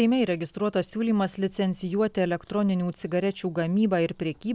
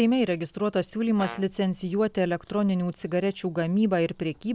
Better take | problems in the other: first | background sound (Brass instrument); 16 dB below the speech

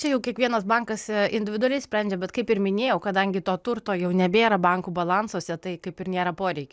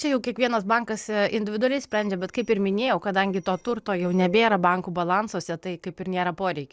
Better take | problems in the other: first | noise reduction (neural separator model SepFormer DNS4)

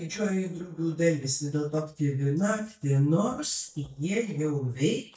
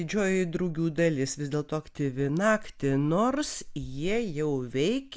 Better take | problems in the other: second | noise reduction (neural mask model DeepFilterNet 3)

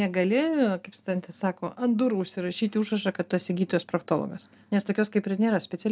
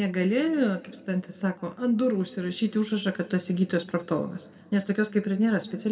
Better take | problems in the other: first | room echo; dies away in 1.1 s

